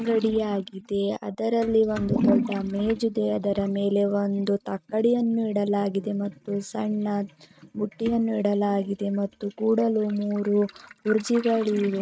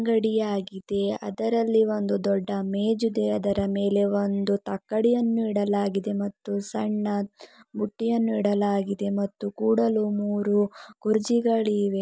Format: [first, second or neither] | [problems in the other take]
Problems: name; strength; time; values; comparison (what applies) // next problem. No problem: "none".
second | noise reduction (neural mask model RNNoise)